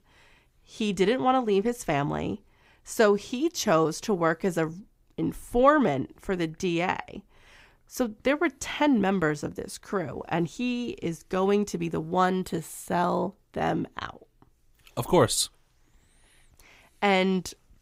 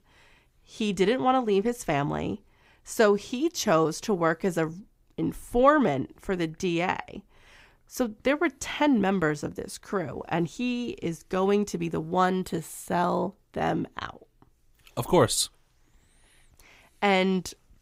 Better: neither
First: none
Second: none

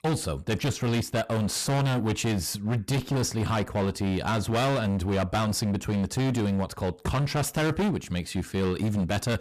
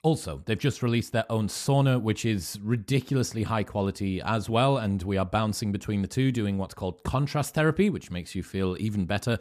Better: second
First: distortion; heavy; 24% of the sound clipped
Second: none

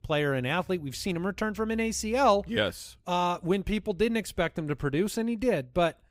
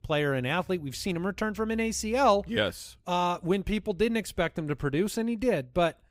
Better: neither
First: none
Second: none

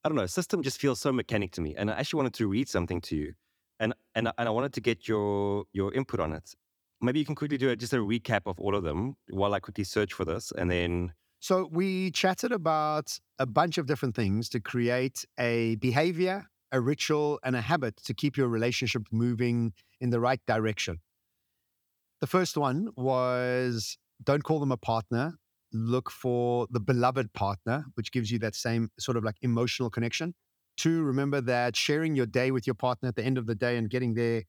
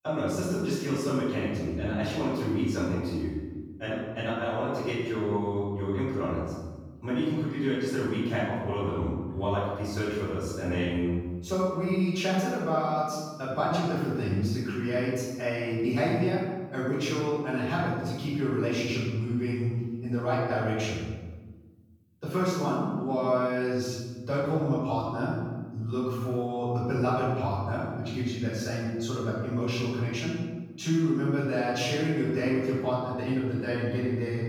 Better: first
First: none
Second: off-mic speech; far // room echo; strong; dies away in 1.3 s

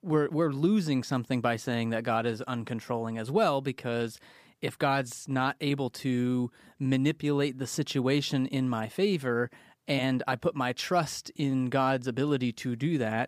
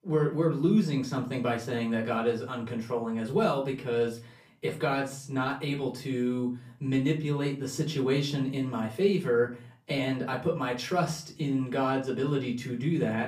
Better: first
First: none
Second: off-mic speech; far // room echo; very slight; dies away in 0.3 s

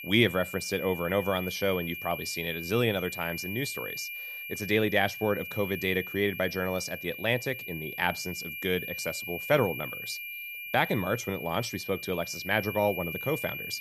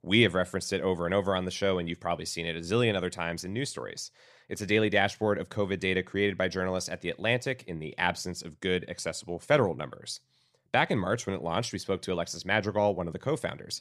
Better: second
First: high-pitched whine; loud; throughout; 2.5 kHz, 7 dB below the speech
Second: none

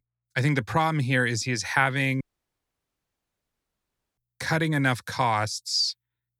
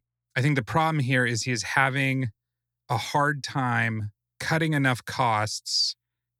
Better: second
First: audio cutting out; at 2 s for 2 s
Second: none

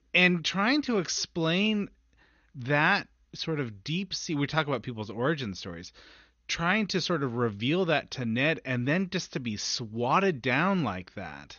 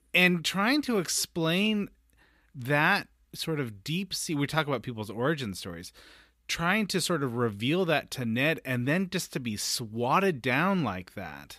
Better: second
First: garbled, watery; slightly; nothing above 6.5 kHz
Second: none

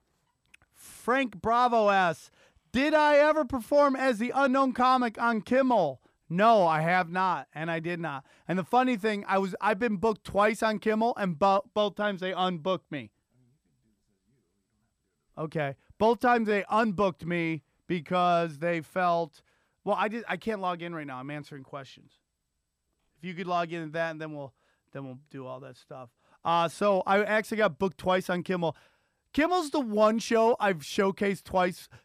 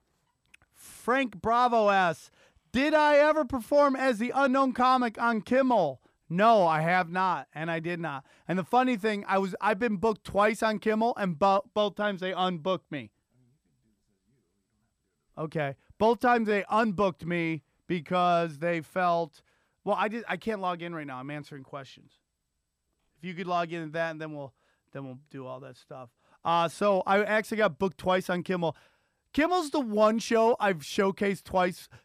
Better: neither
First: none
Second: none

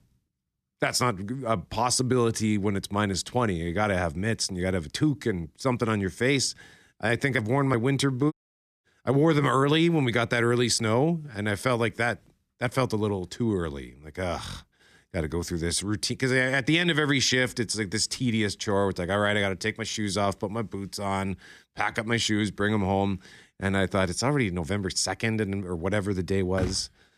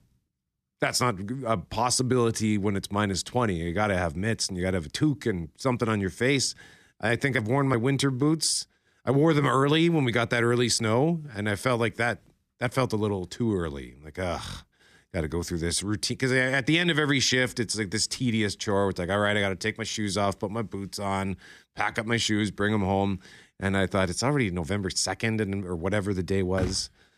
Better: second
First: audio cutting out; at 8.5 s for 0.5 s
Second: none

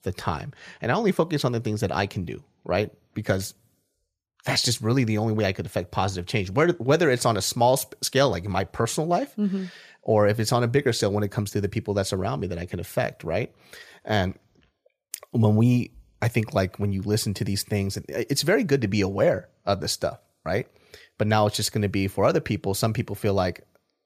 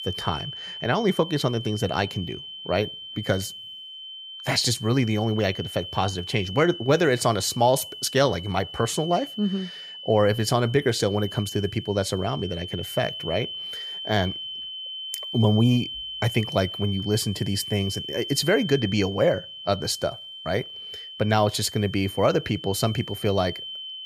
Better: first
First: none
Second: high-pitched whine; loud; throughout; 3 kHz, 10 dB below the speech

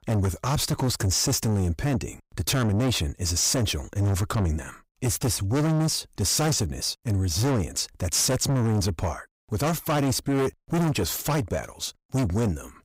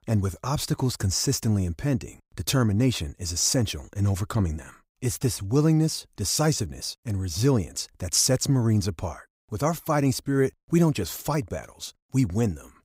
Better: second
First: distortion; heavy; 6 dB below the speech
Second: none

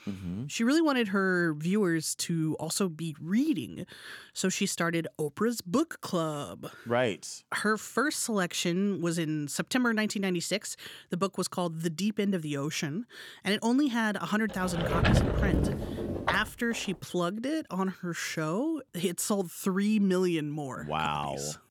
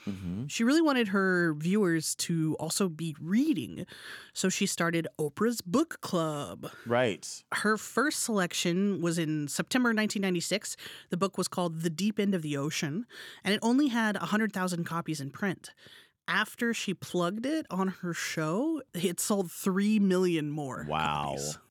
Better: second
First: door banging; loud; from 15 to 16 s; peak 5 dB above the speech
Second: none

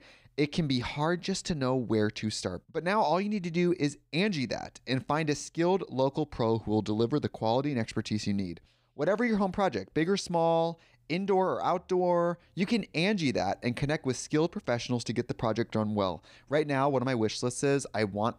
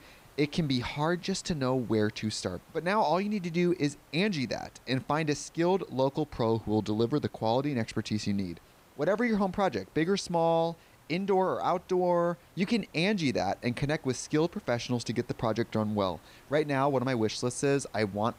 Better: first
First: none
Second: hiss; faint; throughout; 30 dB below the speech

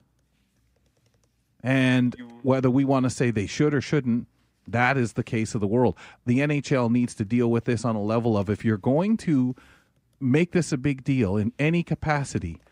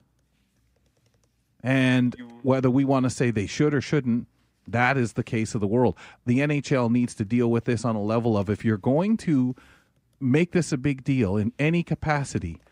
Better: neither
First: none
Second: none

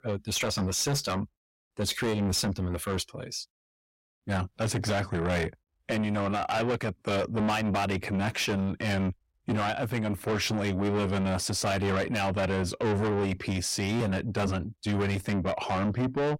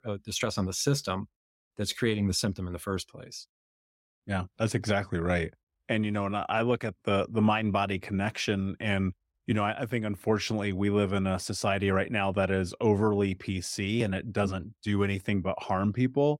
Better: second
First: distortion; heavy; 6 dB below the speech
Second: none

